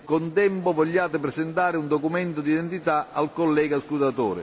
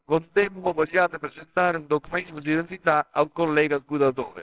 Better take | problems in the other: first | noise reduction (neural separator model SepFormer WHAMR!)

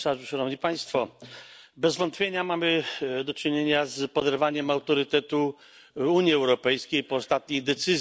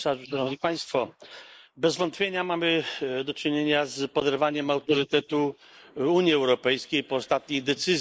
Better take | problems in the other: first | noise reduction (neural mask model Resemble Enhance denoiser)

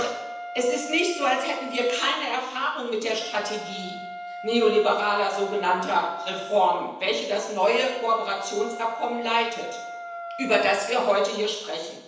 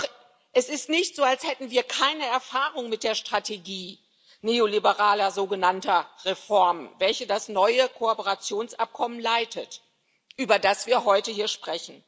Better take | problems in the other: second | background sound (Wind instrument, woodwind instrument); 12 dB below the speech // room echo; dies away in 0.9 s

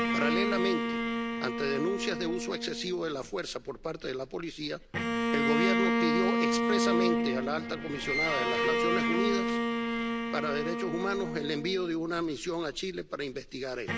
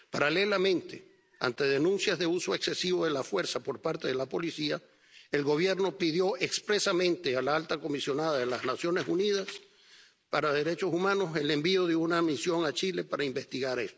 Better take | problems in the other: second | background sound (Bowed string instrument); 3 dB above the speech

